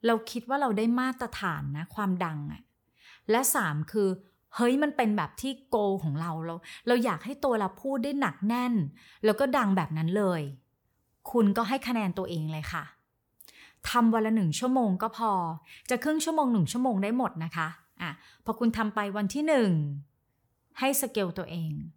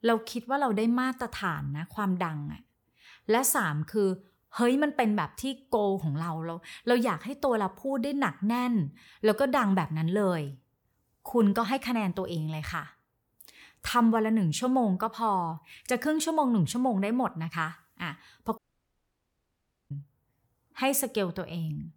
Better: first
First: none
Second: audio cutting out; at 19 s for 1.5 s

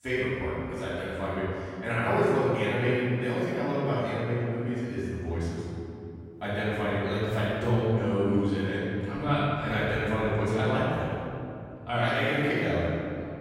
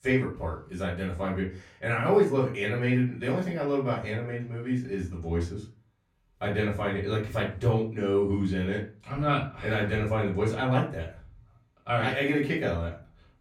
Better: second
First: room echo; strong; dies away in 2.6 s // off-mic speech; far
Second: room echo; slight; dies away in 0.3 s // off-mic speech; far

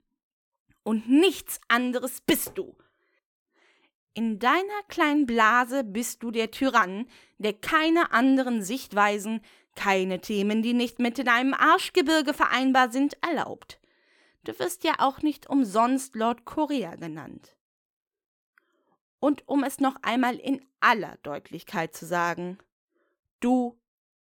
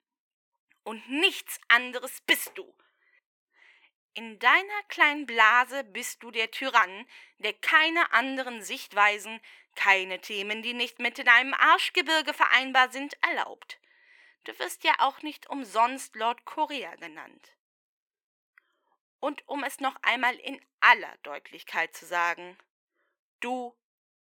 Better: first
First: none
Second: thin; very; fading below 450 Hz

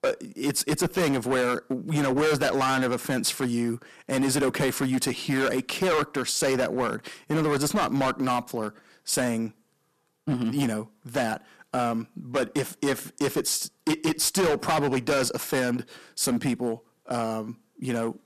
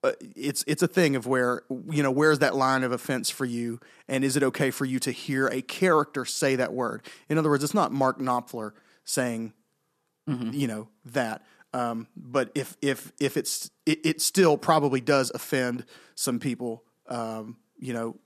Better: second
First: distortion; heavy; 12% of the sound clipped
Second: none

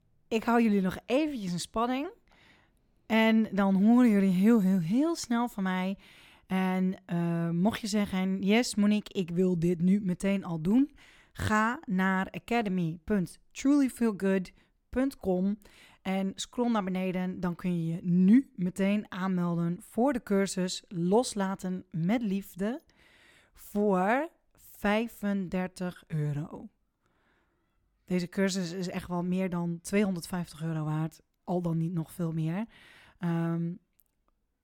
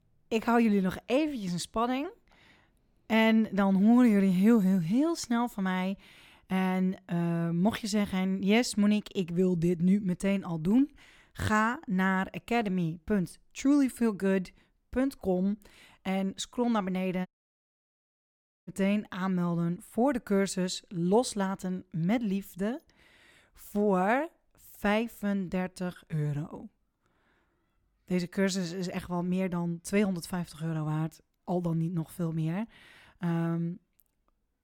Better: first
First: none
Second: audio cutting out; at 17 s for 1.5 s

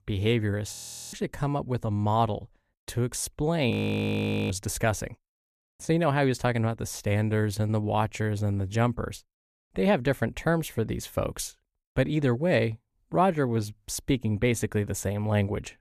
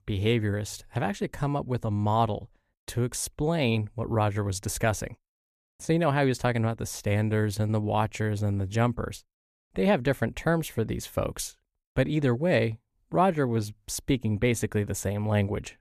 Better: second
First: audio freezing; at 0.5 s and at 3.5 s for 1 s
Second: none

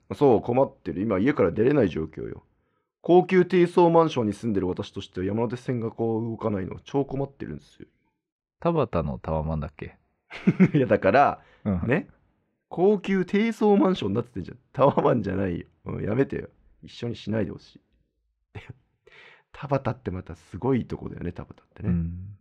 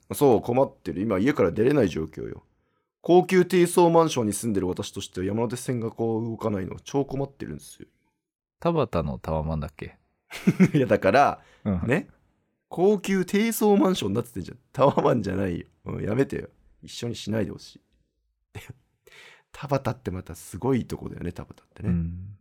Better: second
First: muffled; slightly; fading above 3 kHz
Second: none

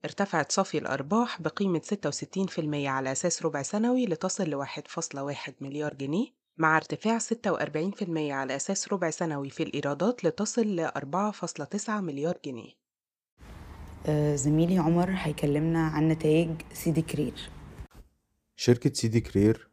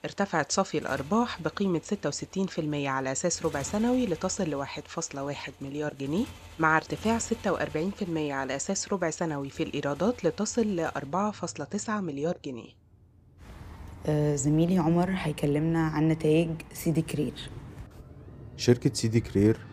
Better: first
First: none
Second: traffic noise; faint; throughout; 20 dB below the speech

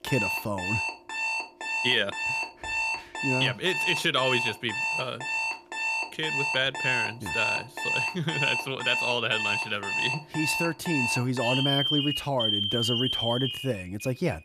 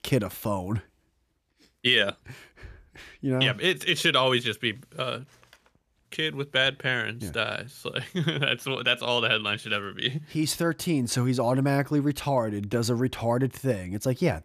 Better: second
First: alarms or sirens; very loud; throughout; 1 dB above the speech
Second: none

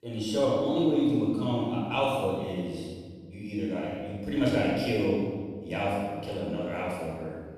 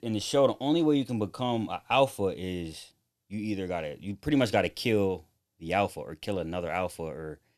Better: second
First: off-mic speech; far // room echo; strong; dies away in 1.7 s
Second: none

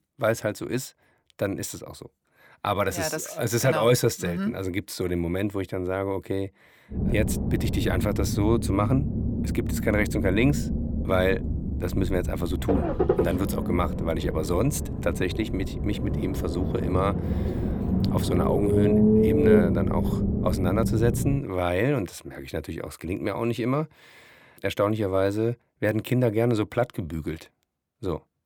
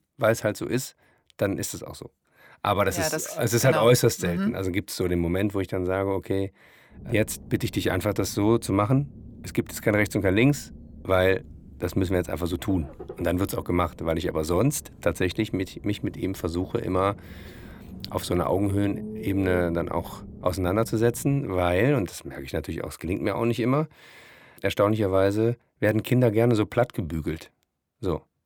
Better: second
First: low rumble; loud; from 7 to 21 s; 3 dB below the speech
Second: low rumble; faint; from 7 to 21 s; 20 dB below the speech

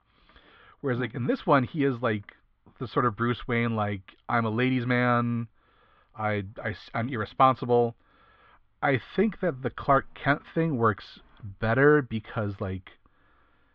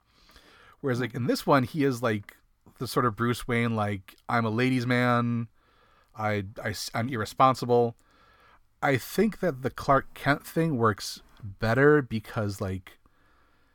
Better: second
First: muffled; very; fading above 3.5 kHz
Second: none

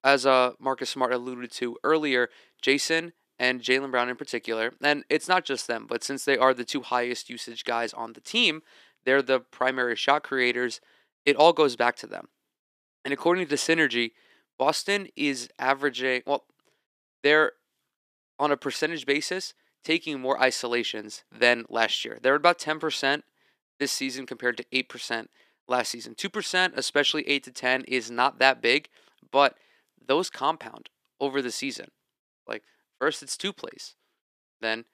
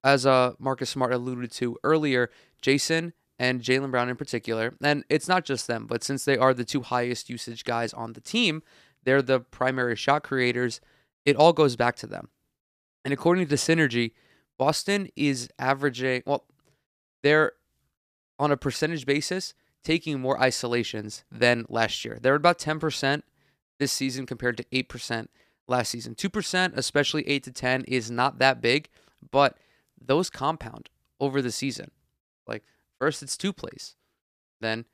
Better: second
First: thin; very slightly; fading below 300 Hz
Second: none

